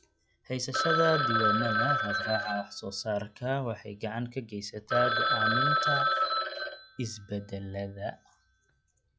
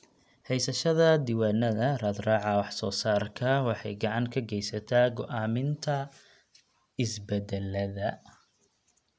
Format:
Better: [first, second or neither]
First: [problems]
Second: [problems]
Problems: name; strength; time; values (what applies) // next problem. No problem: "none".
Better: second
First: noise reduction (classical method log-MMSE)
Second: none